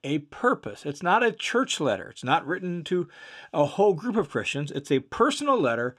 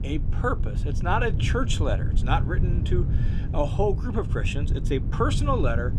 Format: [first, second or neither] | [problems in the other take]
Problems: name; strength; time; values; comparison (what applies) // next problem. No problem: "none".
first | low rumble; noticeable; throughout; 10 dB below the speech